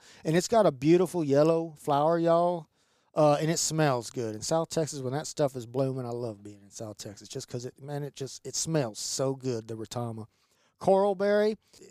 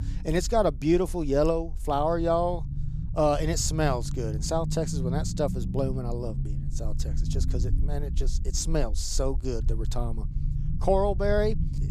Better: first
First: none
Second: low rumble; noticeable; throughout; 20 dB below the speech

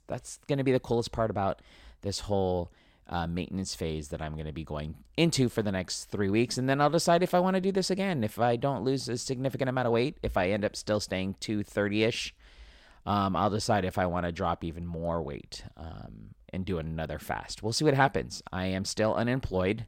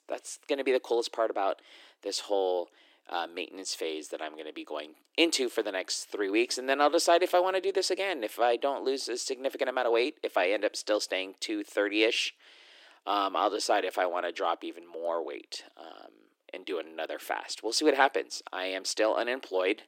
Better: first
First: none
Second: thin; very; fading below 300 Hz

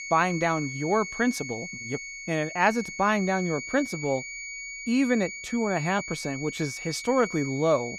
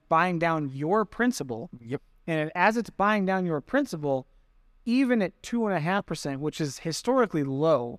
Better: second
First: high-pitched whine; loud; throughout; 2 kHz, 8 dB below the speech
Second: none

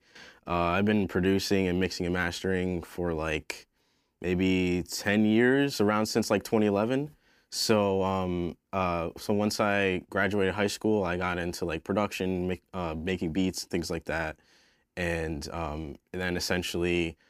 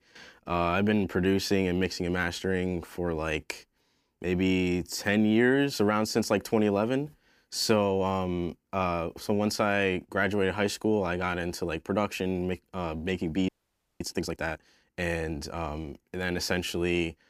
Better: first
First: none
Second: audio freezing; at 13 s for 0.5 s

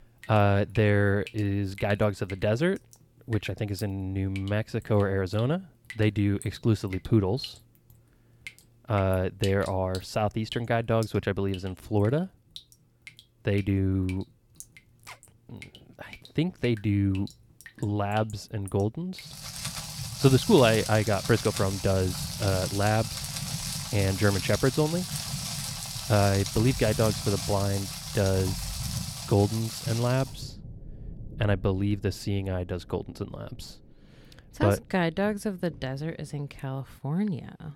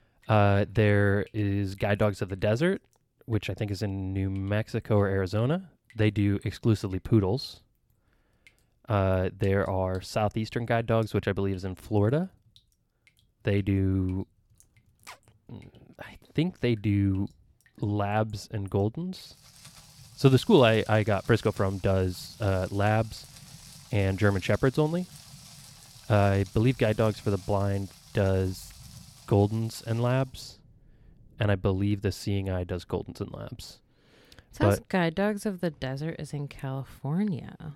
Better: second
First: rain or running water; loud; throughout; 9 dB below the speech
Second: rain or running water; faint; throughout; 25 dB below the speech

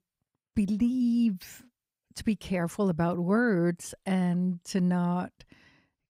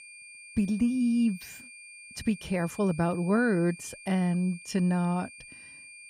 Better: first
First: none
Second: high-pitched whine; noticeable; throughout; 2.5 kHz, 15 dB below the speech

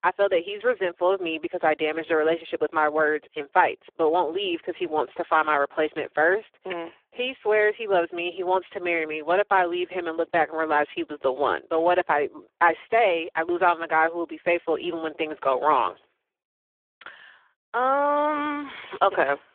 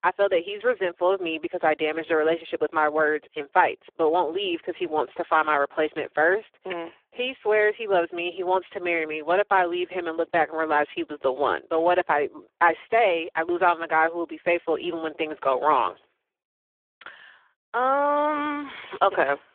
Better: neither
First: phone-call audio; poor line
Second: phone-call audio; poor line

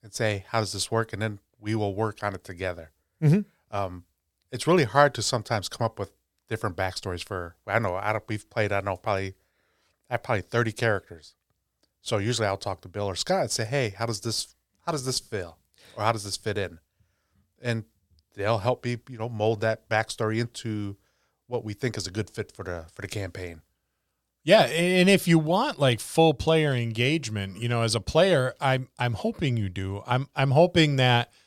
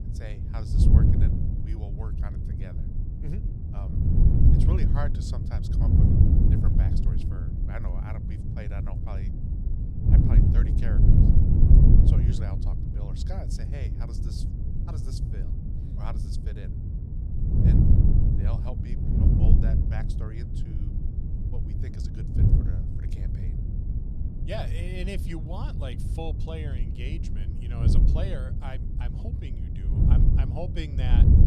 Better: first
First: none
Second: wind noise on the microphone; heavy; 4 dB above the speech

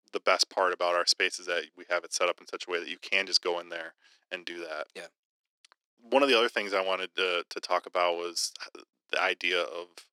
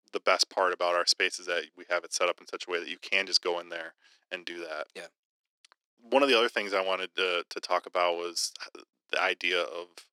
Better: neither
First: thin; somewhat; fading below 300 Hz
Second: thin; somewhat; fading below 300 Hz

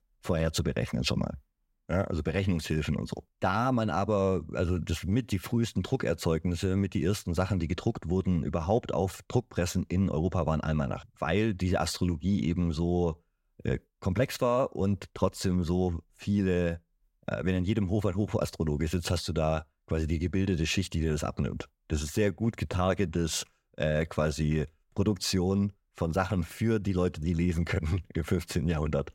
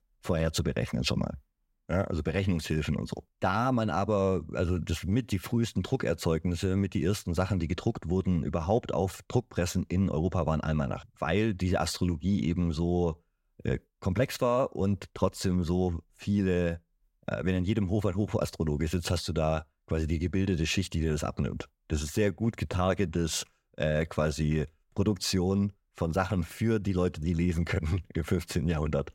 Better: neither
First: none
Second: none

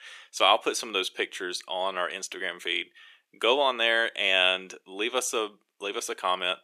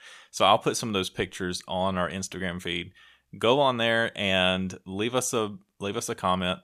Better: second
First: thin; somewhat; fading below 350 Hz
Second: none

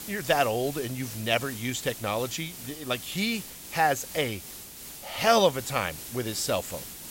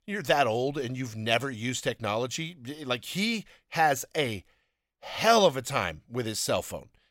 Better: second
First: hiss; noticeable; throughout; 10 dB below the speech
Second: none

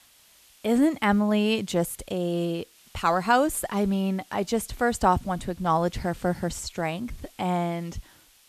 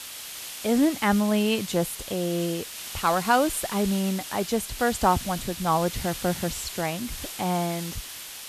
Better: first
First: hiss; faint; throughout; 30 dB below the speech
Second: hiss; loud; throughout; 9 dB below the speech

